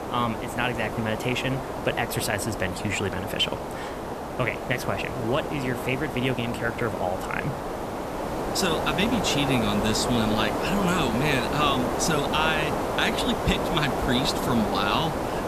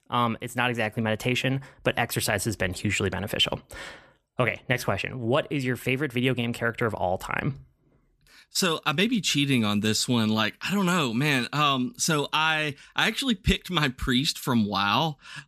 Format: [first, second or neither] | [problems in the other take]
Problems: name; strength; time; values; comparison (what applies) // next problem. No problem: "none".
second | hiss; loud; throughout; 3 dB below the speech